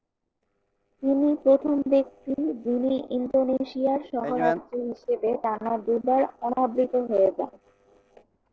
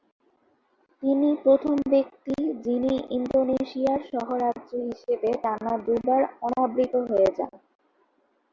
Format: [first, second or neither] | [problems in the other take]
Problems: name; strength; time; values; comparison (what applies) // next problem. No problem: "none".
second | noise reduction (neural separator model SepFormer DNS4)